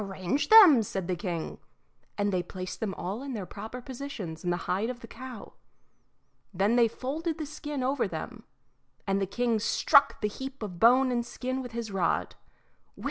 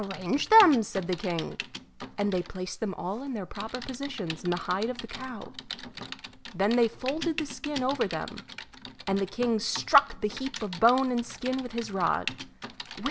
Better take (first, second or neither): first